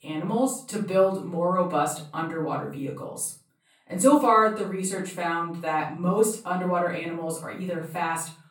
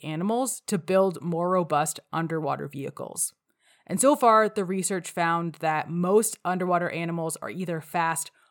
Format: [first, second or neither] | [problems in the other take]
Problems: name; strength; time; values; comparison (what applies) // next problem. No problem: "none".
second | off-mic speech; far // room echo; slight; dies away in 0.4 s